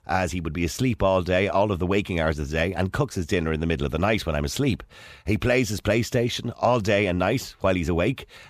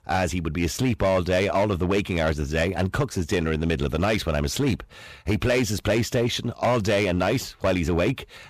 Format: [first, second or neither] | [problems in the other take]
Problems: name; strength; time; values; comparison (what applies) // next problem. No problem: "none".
first | distortion; slight; 9% of the sound clipped